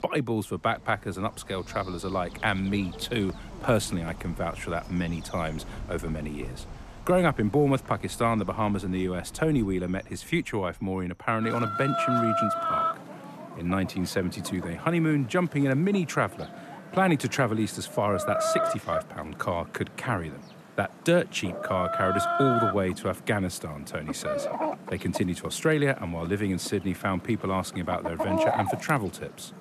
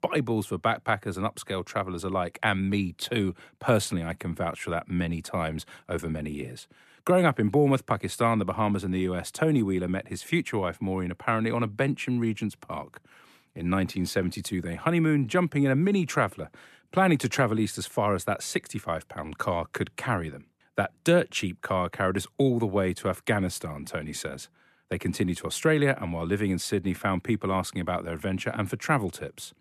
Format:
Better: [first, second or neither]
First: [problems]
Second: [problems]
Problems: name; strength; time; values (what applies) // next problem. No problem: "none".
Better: second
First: animal sounds; loud; throughout; 4 dB below the speech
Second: none